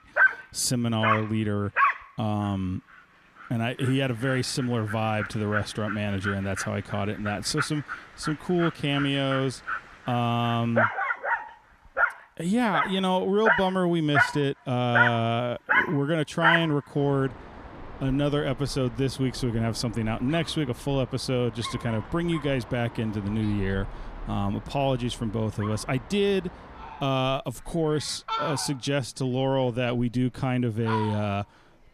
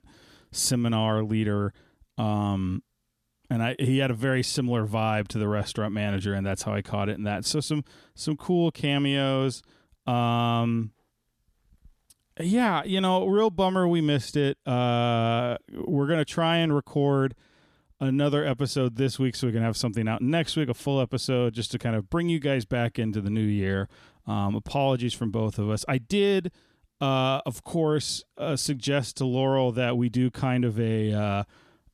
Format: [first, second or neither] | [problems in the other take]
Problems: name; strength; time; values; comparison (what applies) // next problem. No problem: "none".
second | animal sounds; loud; throughout; 1 dB below the speech